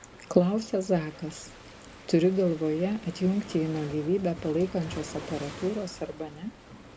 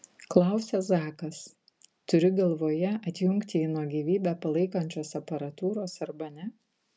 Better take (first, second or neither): second